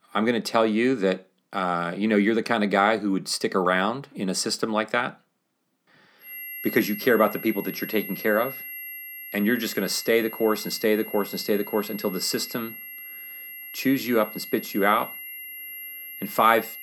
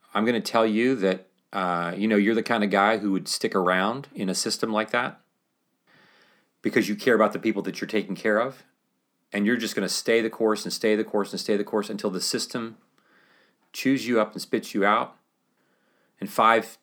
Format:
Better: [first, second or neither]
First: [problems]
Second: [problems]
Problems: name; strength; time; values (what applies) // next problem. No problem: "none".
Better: second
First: high-pitched whine; noticeable; from 6.5 s on; 11.5 kHz, 10 dB below the speech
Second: none